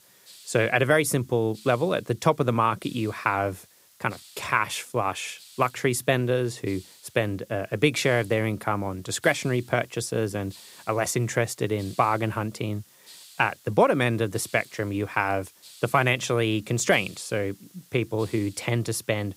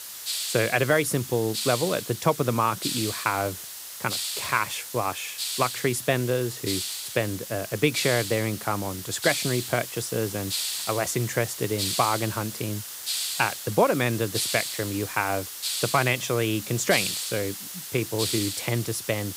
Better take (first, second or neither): first